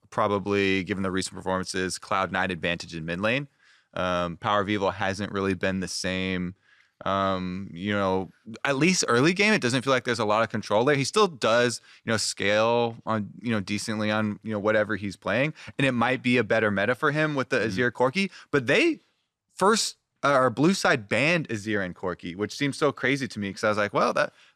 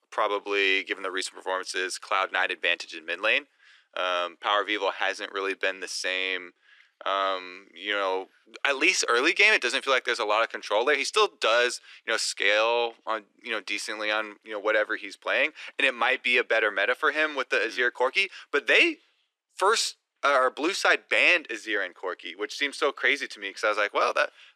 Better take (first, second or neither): first